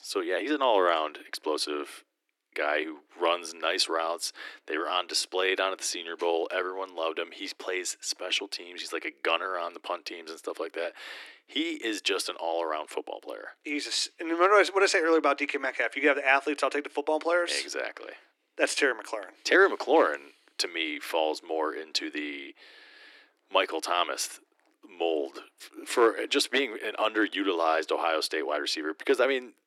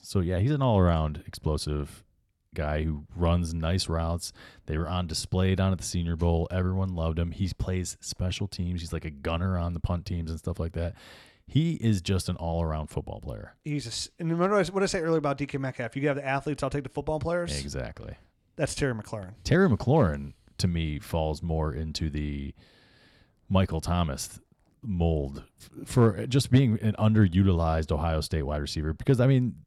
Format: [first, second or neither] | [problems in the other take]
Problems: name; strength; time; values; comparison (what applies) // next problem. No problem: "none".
second | thin; very; fading below 300 Hz